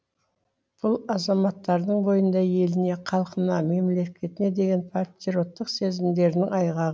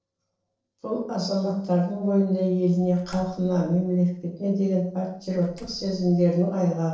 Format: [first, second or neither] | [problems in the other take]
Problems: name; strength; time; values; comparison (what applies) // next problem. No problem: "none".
first | noise reduction (neural separator model SepFormer DNS4)